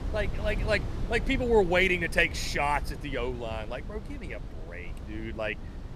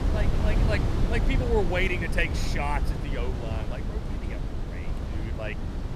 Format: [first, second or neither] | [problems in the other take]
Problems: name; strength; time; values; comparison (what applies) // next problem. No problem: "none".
first | wind noise on the microphone; heavy; 7 dB below the speech; occasional gusts in the first